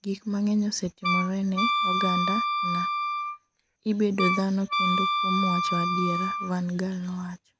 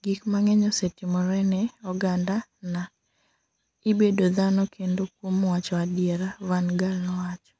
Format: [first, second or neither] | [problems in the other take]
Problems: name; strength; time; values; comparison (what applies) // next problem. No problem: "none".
second | background sound (Wind instrument, woodwind instrument); 1 dB above the speech